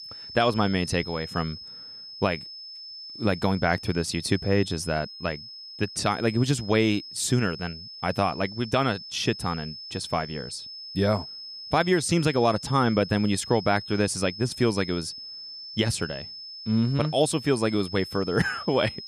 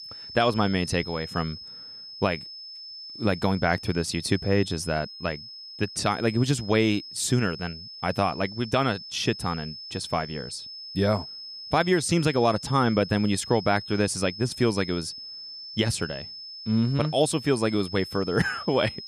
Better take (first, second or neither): neither